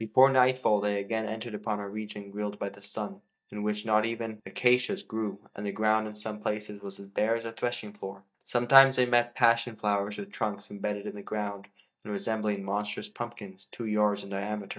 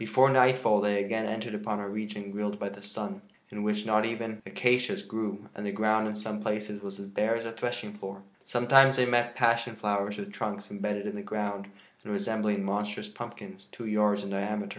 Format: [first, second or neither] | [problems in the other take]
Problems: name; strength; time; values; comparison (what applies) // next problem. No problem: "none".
second | noise reduction (neural mask model DeepFilterNet 3)